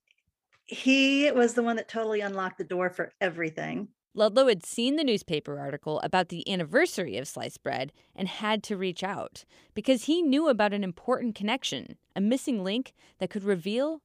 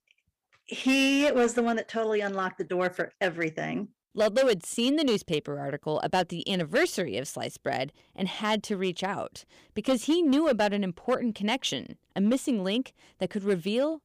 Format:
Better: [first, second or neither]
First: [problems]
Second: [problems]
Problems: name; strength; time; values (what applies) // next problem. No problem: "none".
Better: first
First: none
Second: distortion; slight; 4% of the sound clipped